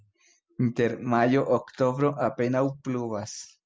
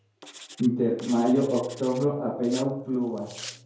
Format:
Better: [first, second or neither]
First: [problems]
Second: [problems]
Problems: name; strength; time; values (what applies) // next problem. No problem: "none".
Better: first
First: none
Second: background sound (Writing); 19 dB below the speech // room echo; dies away in 2.3 s